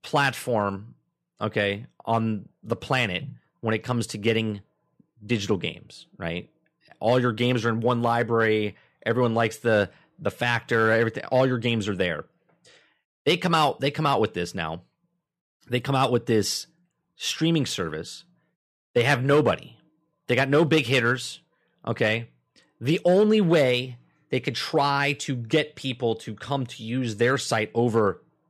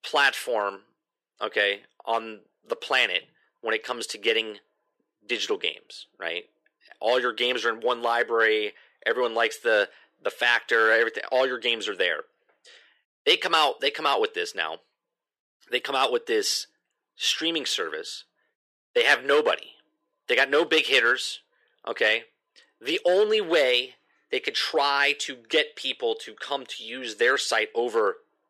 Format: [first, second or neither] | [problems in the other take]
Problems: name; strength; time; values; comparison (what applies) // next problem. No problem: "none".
first | thin; very; fading below 400 Hz